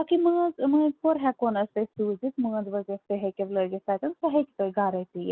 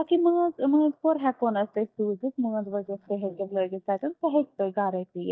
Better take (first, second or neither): first